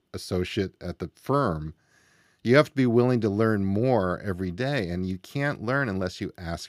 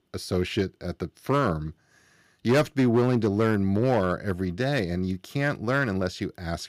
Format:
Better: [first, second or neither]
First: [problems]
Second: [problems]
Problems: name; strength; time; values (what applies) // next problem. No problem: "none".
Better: first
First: none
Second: distortion; slight; 4% of the sound clipped